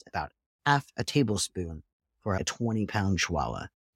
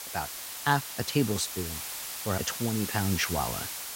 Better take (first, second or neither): first